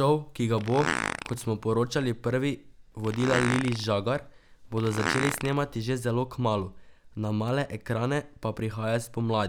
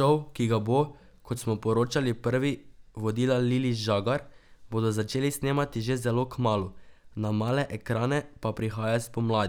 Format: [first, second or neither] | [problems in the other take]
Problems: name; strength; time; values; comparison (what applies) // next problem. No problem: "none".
second | background sound (Fart); 6 dB below the speech